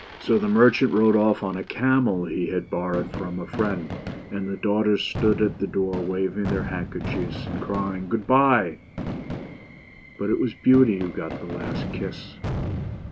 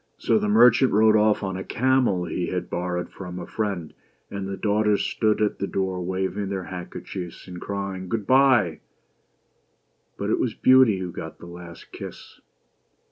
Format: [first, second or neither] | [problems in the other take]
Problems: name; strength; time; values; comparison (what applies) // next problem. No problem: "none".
second | background sound (Fireworks); 10 dB below the speech